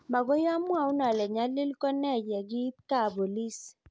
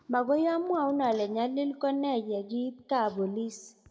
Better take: first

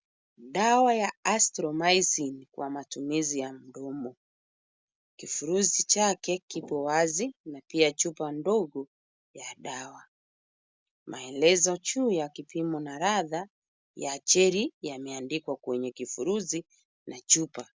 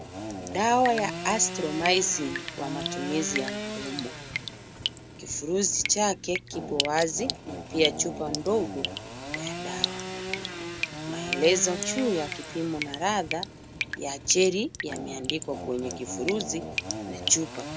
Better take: first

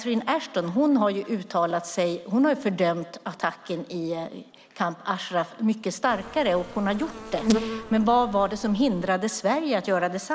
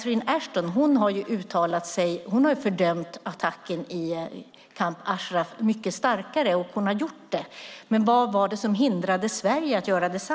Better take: second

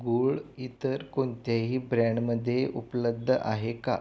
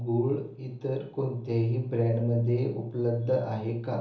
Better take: first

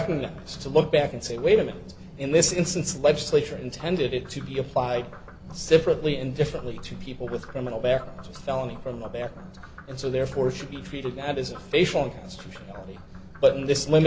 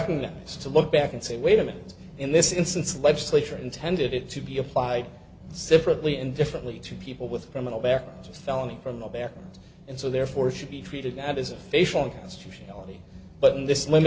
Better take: second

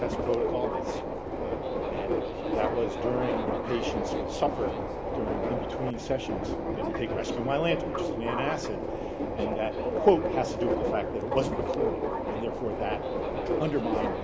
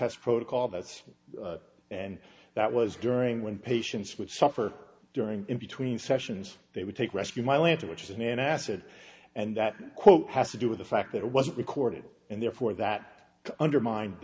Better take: second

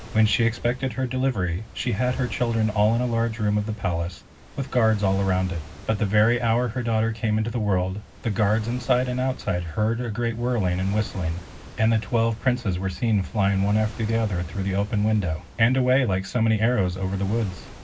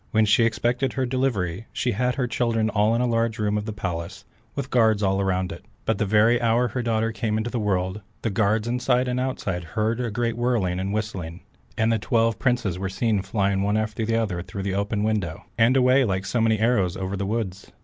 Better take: second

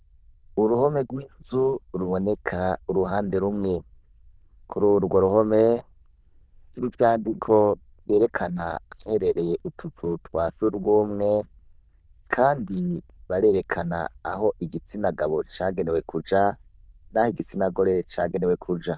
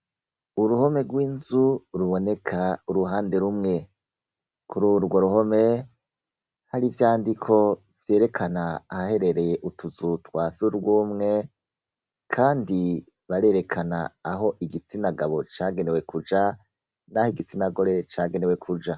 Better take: second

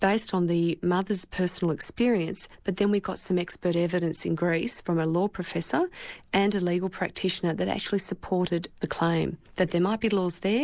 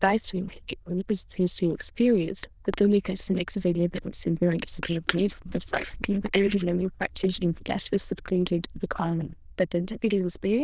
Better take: first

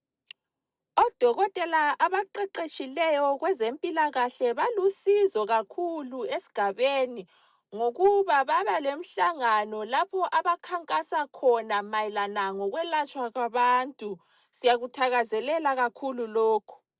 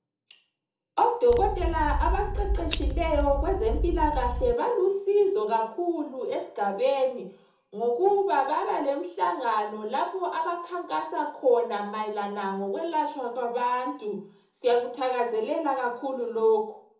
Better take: first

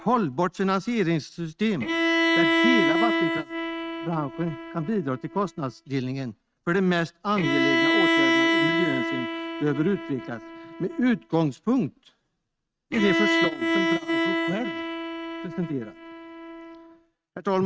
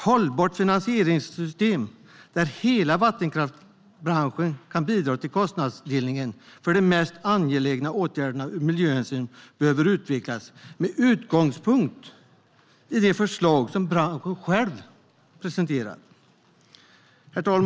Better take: second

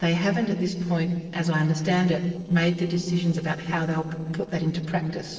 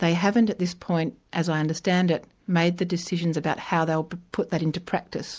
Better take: second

